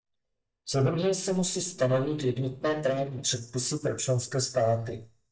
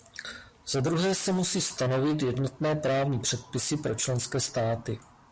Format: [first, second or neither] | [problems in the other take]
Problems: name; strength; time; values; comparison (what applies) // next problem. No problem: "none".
second | noise reduction (neural mask model DeepFilterNet 3)